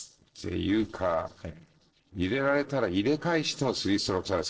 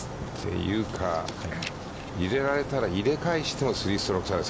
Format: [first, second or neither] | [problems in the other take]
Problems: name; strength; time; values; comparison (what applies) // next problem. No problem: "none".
second | noise reduction (neural separator model SepFormer DNS4)